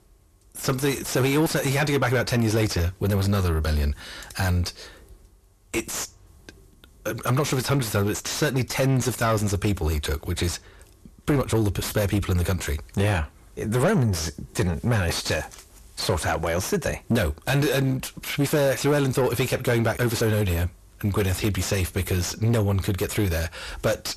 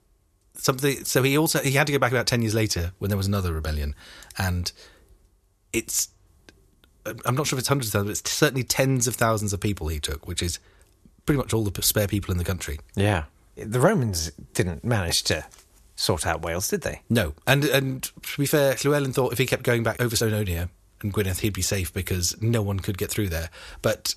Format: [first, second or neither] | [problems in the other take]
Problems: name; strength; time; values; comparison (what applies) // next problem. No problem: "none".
second | distortion; heavy; 7 dB below the speech